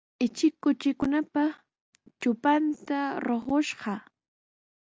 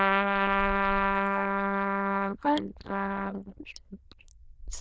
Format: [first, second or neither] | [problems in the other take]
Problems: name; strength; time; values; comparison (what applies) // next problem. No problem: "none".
first | noise reduction (neural diffusion model UNIVERSE++)